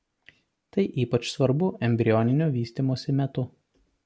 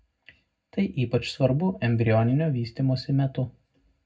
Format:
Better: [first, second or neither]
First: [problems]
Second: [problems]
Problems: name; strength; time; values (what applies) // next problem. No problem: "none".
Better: first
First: none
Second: room echo; dies away in 0.3 s